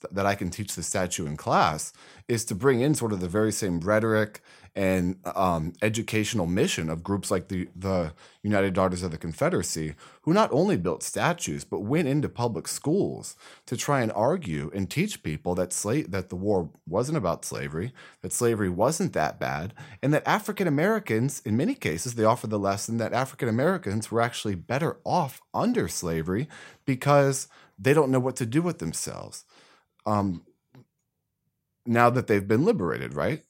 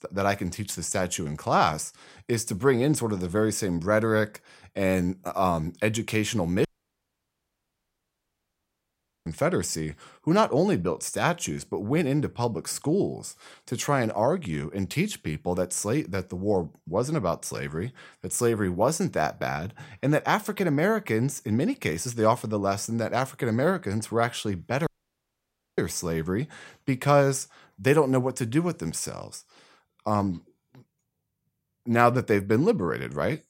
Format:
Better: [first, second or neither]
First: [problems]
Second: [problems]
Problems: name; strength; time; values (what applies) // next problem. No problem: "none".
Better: first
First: none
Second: audio cutting out; at 6.5 s for 2.5 s and at 25 s for 1 s